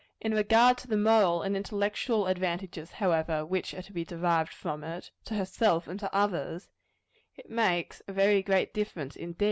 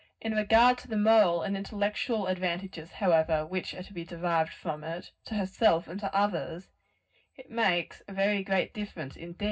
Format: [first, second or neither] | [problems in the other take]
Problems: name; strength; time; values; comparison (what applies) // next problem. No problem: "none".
first | room echo; dies away in 0.4 s